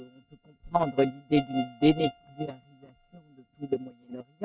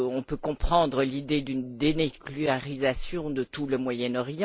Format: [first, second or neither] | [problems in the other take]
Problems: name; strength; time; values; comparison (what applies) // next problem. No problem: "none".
second | noise reduction (neural mask model RNNoise)